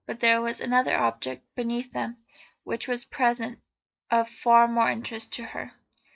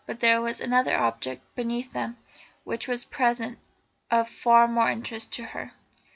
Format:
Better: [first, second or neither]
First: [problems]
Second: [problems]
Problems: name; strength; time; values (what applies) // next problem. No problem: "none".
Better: second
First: noise reduction (neural mask model Resemble Enhance denoiser)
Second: none